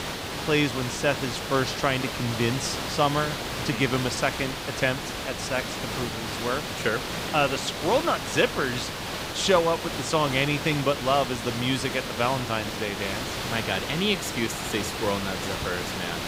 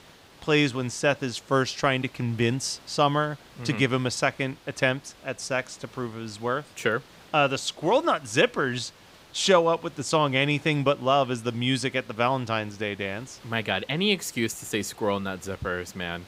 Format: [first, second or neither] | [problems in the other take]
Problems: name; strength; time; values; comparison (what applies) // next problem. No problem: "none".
second | hiss; loud; throughout; 4 dB below the speech; faint in the second